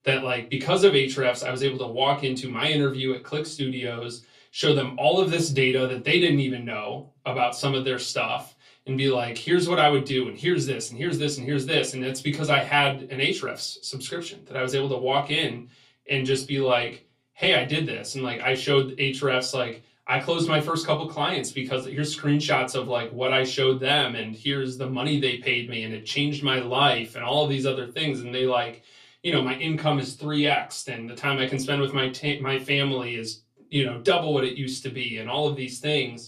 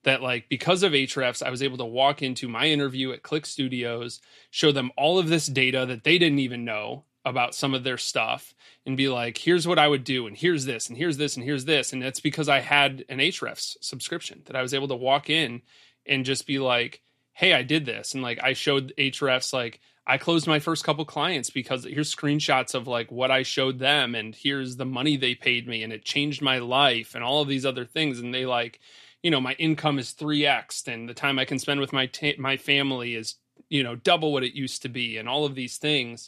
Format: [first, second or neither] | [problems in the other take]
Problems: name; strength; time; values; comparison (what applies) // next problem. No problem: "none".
second | off-mic speech; far // room echo; very slight; dies away in 0.2 s